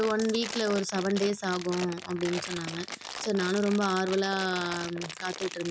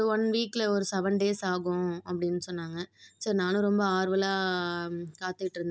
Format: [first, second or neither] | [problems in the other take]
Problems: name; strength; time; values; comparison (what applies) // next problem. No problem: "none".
second | background sound (Crumpling, crinkling); 10 dB below the speech